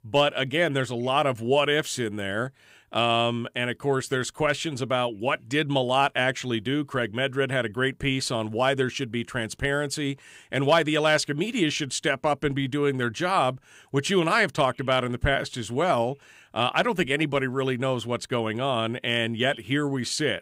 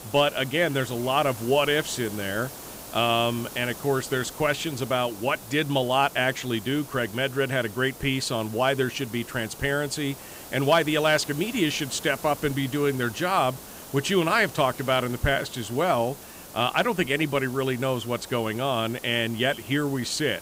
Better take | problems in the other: first | hiss; noticeable; throughout; 15 dB below the speech

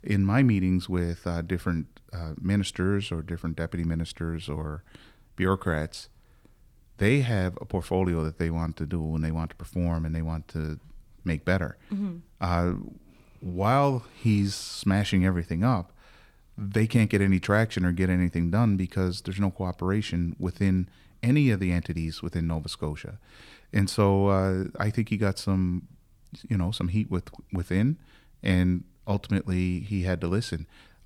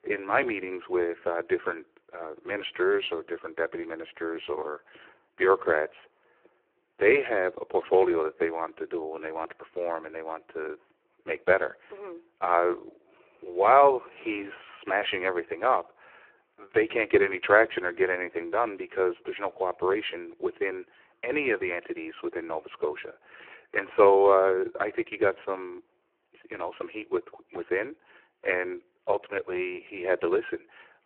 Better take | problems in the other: first | phone-call audio; poor line

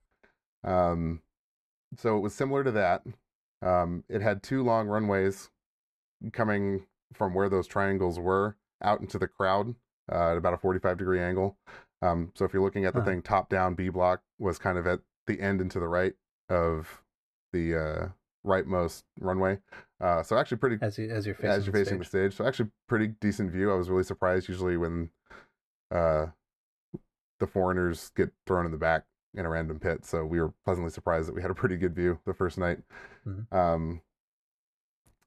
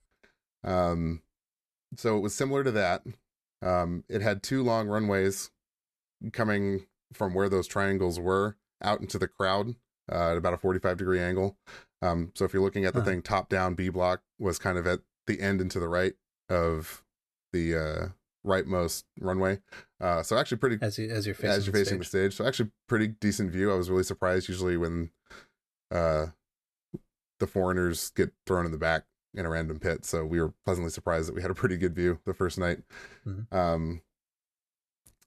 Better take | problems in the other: second | muffled; slightly; fading above 3 kHz

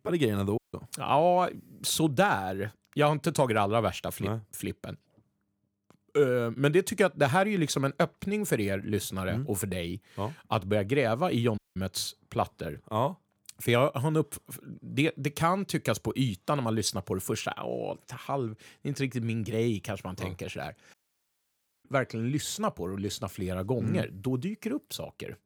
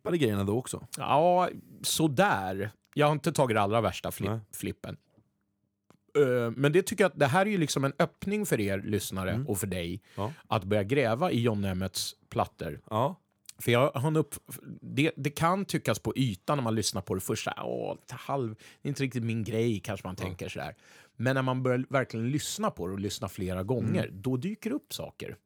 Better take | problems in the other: second | audio cutting out; at 0.5 s, at 12 s and at 21 s for 1 s

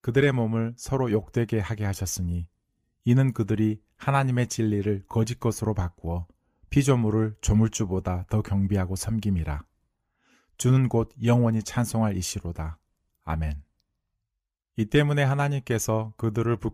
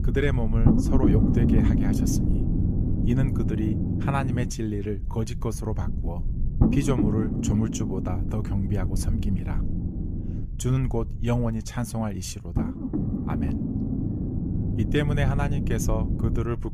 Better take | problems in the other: first | low rumble; loud; throughout; 1 dB below the speech

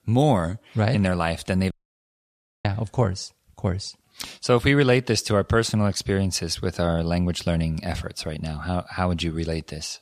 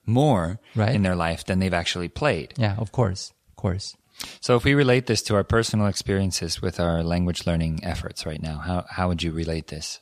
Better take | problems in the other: second | audio cutting out; at 1.5 s for 1 s

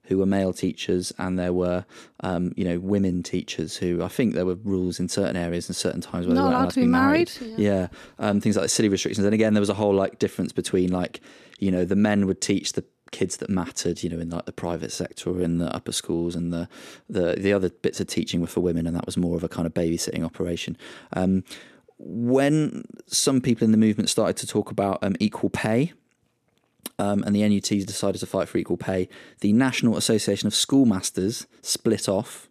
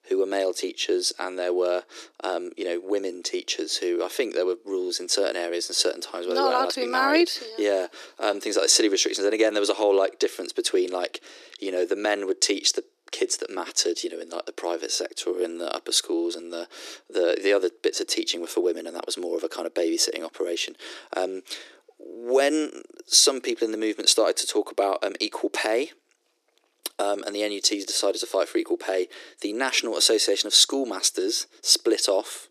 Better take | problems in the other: first | thin; very; fading below 300 Hz

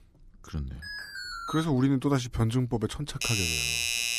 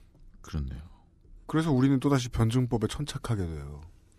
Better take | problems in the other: second | alarm; noticeable; at 1 s; peak 6 dB below the speech // doorbell; loud; from 3 s on; peak 3 dB above the speech

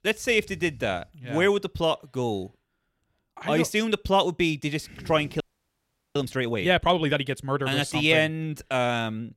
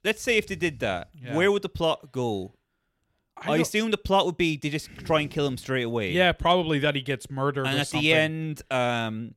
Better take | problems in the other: second | audio freezing; at 5.5 s for 1 s

